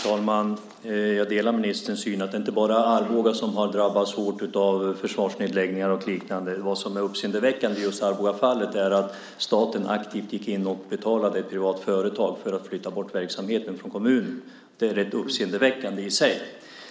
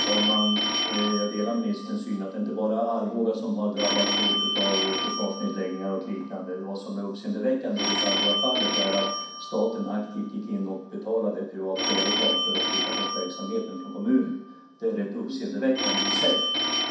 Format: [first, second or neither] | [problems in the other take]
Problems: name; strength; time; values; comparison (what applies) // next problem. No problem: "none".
first | background sound (Telephone); 1 dB below the speech // room echo; dies away in 0.6 s